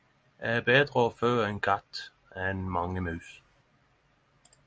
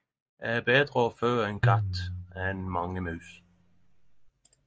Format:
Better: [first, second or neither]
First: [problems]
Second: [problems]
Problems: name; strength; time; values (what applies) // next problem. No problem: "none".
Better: first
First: none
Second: noise reduction (neural mask model DeepFilterNet 3)